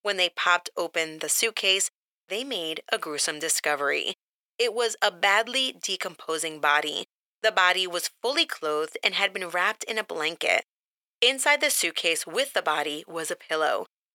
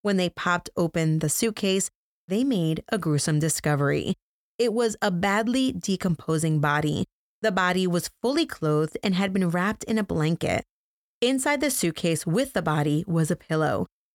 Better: second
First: thin; very; fading below 500 Hz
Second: none

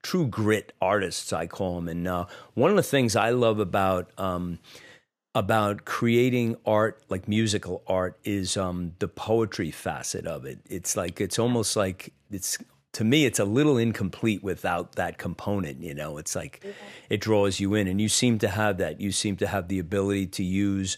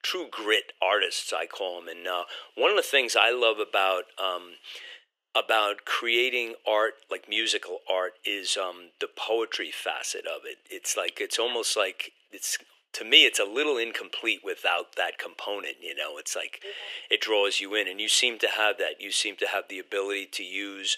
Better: first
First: none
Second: thin; very; fading below 350 Hz

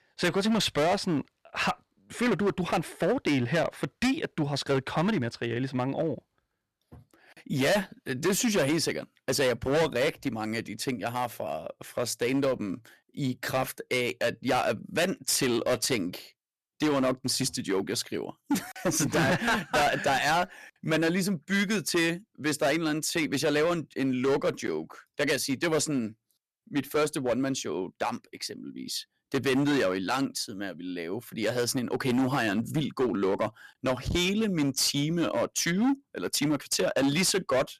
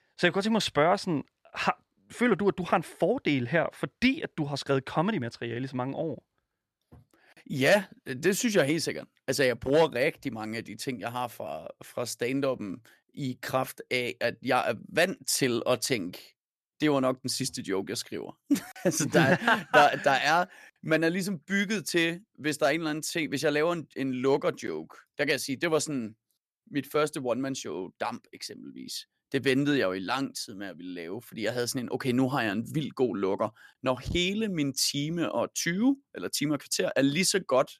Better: second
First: distortion; heavy; 10% of the sound clipped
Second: none

